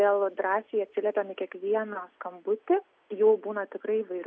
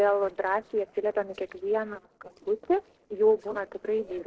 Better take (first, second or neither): first